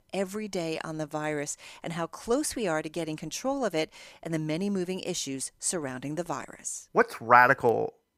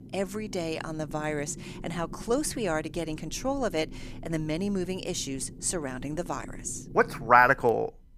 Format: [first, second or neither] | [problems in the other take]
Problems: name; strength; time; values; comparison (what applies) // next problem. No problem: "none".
first | low rumble; faint; throughout; 25 dB below the speech